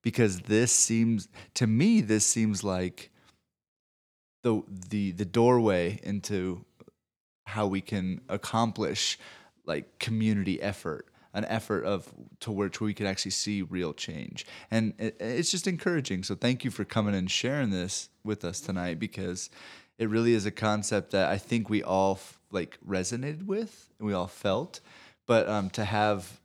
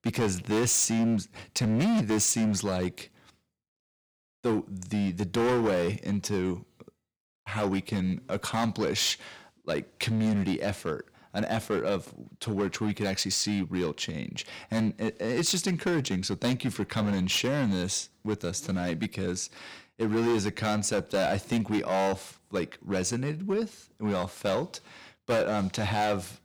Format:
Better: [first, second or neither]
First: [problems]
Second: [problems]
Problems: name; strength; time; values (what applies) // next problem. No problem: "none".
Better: first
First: none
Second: distortion; heavy; 10% of the sound clipped